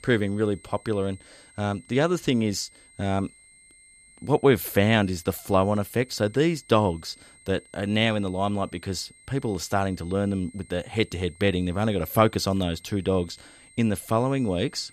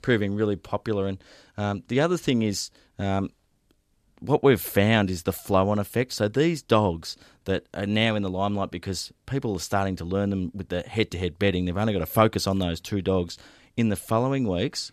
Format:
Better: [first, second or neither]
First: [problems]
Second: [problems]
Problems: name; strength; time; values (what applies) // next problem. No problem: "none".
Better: second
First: high-pitched whine; faint; throughout; 2 kHz, 25 dB below the speech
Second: none